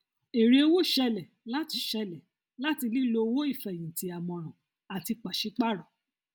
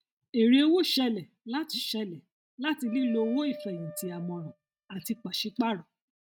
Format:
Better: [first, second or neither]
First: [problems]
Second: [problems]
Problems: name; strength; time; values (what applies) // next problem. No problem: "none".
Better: first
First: none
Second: noise reduction (neural mask model RNNoise)